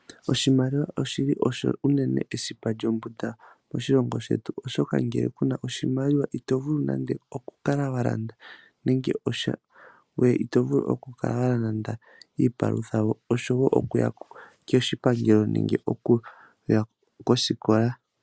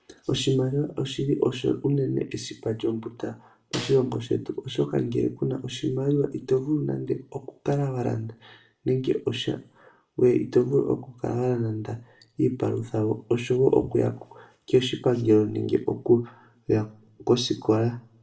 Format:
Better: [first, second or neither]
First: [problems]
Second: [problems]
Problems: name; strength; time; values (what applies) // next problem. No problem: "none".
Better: first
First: none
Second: background sound (Snare drum); 14 dB below the speech // room echo; dies away in 0.4 s